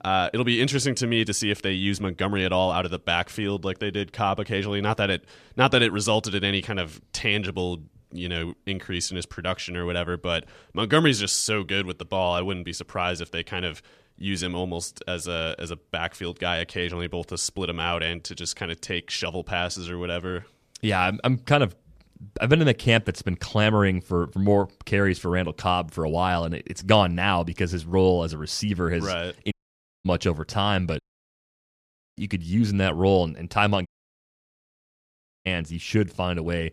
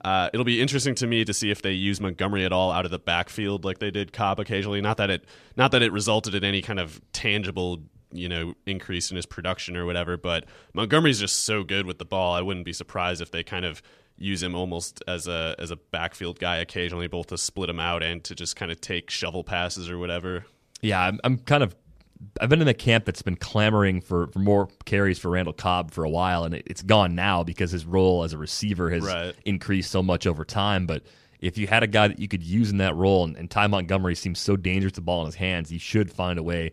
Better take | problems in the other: second | audio cutting out; at 30 s for 0.5 s, at 31 s for 1 s and at 34 s for 1.5 s

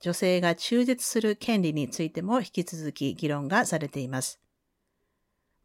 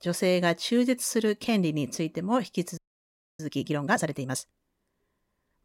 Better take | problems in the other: first | audio freezing; at 3 s for 0.5 s

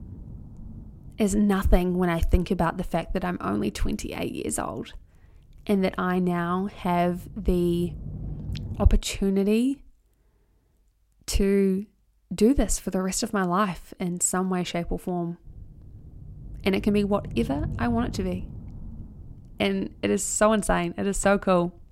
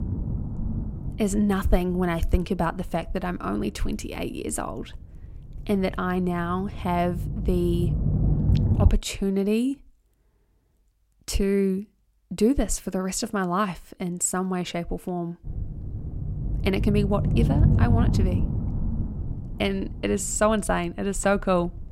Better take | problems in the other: first | low rumble; loud; until 9 s and from 15 s on; 10 dB below the speech; faint in the first

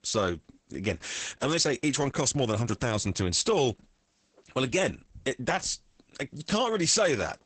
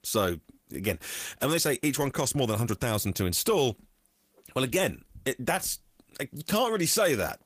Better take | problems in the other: second | garbled, watery; badly; nothing above 8 kHz; slightly in the second

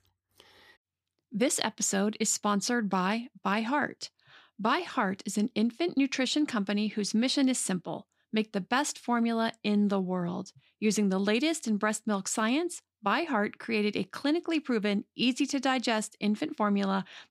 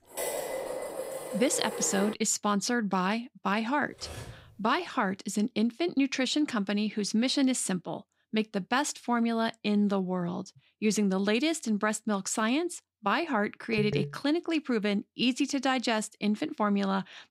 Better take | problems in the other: first | clattering dishes; noticeable; until 2 s; peak 4 dB below the speech // clattering dishes; faint; at 4 s; peak 15 dB below the speech // phone ringing; noticeable; at 14 s; peak 4 dB below the speech

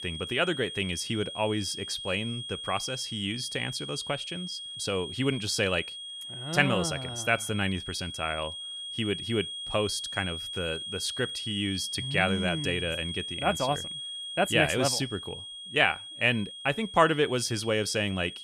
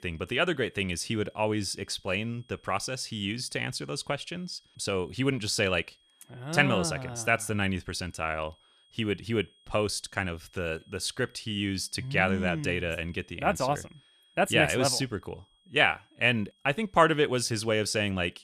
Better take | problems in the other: second | high-pitched whine; loud; throughout; 3.5 kHz, 7 dB below the speech; faint in the second

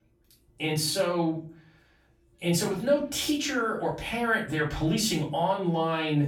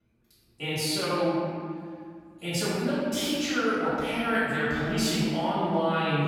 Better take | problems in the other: first | room echo; strong; dies away in 2 s; slight in the first // off-mic speech; far; far in the first

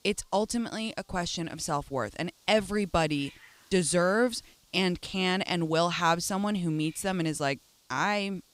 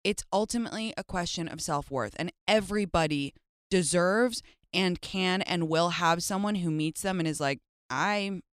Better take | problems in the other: second | hiss; faint; throughout; 30 dB below the speech

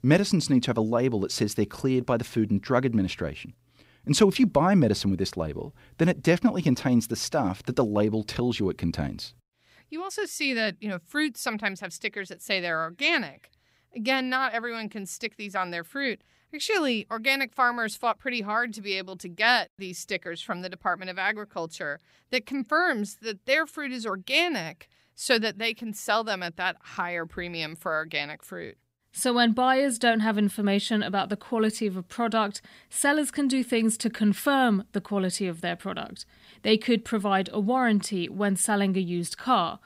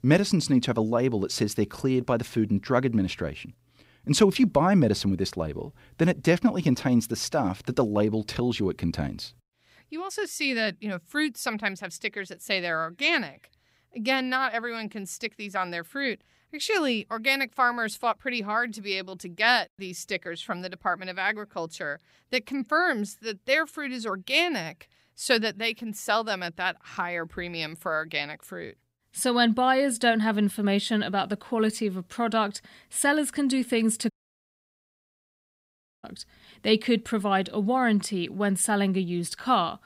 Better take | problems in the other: first | audio cutting out; at 34 s for 2 s

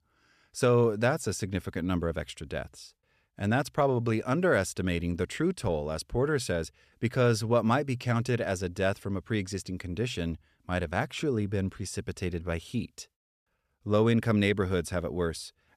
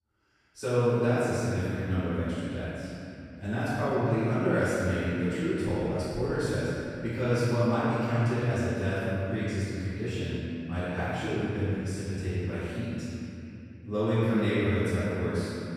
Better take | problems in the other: first | off-mic speech; far // room echo; strong; dies away in 3 s

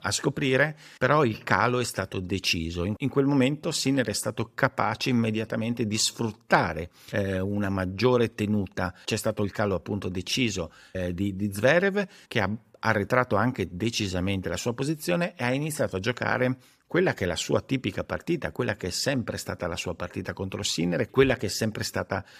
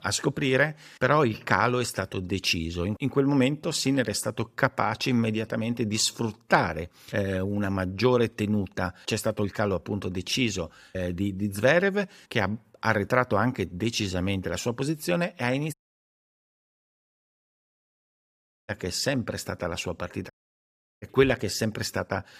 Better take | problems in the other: first | audio cutting out; at 16 s for 3 s and at 20 s for 0.5 s

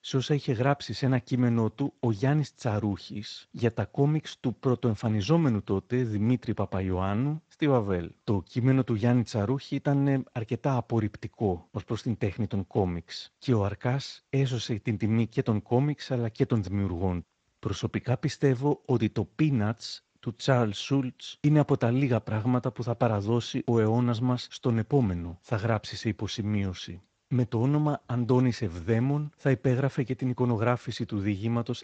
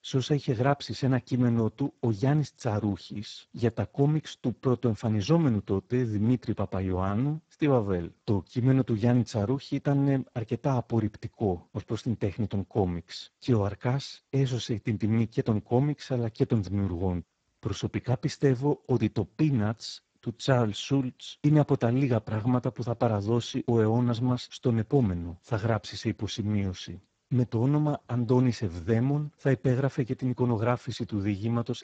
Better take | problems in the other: first | garbled, watery; badly; nothing above 7.5 kHz; slightly in the first

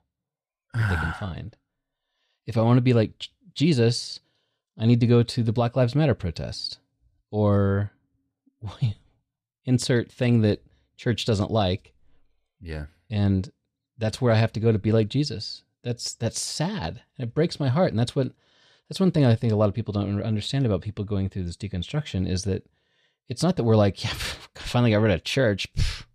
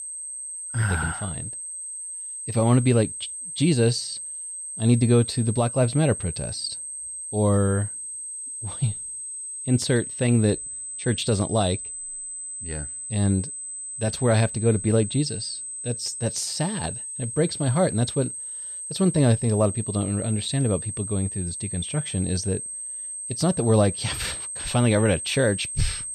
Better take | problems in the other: first | high-pitched whine; loud; throughout; 8.5 kHz, 7 dB below the speech

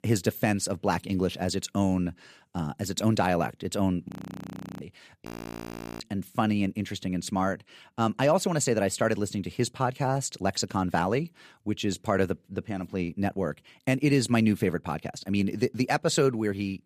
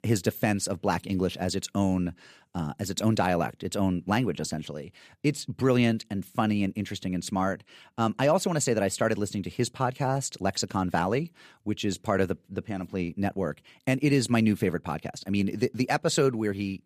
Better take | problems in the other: second | audio freezing; at 4 s for 0.5 s and at 5.5 s for 1 s

